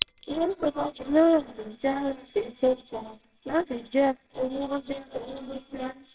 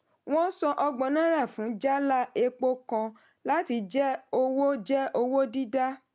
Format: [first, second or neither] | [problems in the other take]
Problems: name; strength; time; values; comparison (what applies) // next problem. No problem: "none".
second | noise reduction (neural separator model SepFormer WHAMR!)